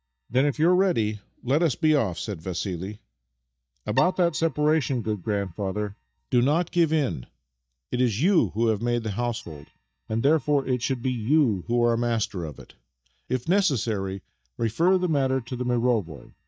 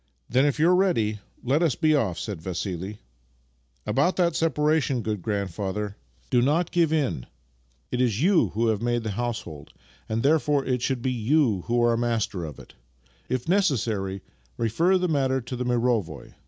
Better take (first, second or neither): second